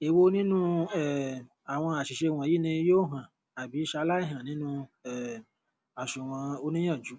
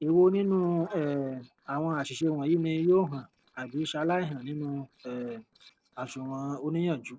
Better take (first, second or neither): first